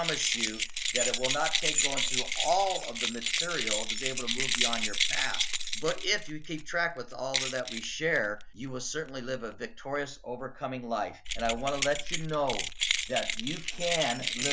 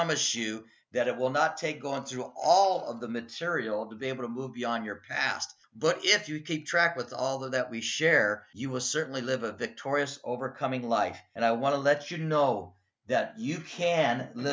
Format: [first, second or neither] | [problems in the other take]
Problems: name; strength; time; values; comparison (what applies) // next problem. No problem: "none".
second | background sound (Keys jangling); 1 dB above the speech